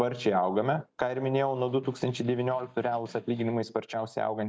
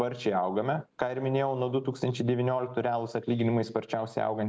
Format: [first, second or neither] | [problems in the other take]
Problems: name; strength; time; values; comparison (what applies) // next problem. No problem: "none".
second | noise reduction (neural mask model DeepFilterNet 3)